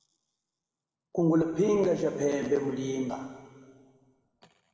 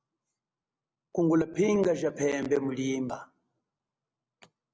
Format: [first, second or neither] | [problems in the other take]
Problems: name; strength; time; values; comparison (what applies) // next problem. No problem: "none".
second | room echo; dies away in 2.2 s